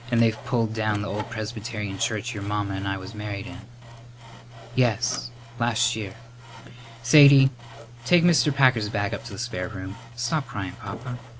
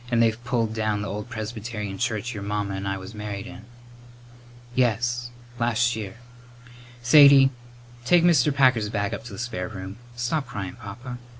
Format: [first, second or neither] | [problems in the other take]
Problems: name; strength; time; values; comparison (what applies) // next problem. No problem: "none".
second | background sound (Sawing); 19 dB below the speech